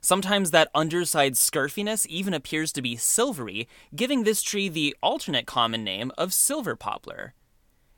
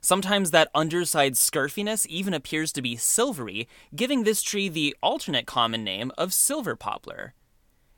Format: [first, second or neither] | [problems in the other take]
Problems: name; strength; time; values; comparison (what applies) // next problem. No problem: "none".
neither | none